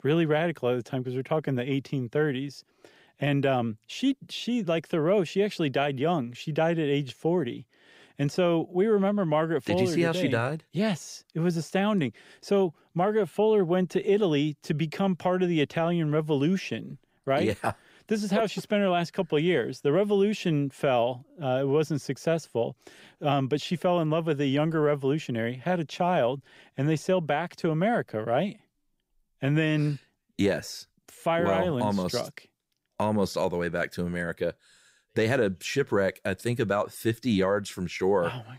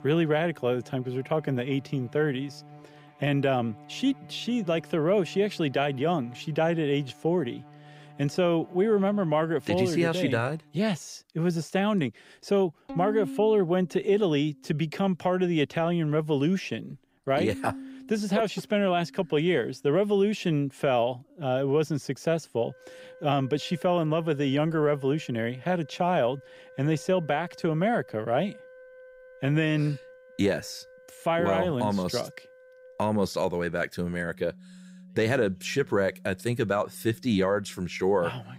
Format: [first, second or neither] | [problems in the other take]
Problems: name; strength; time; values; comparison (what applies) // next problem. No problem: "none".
first | background music; faint; throughout; 20 dB below the speech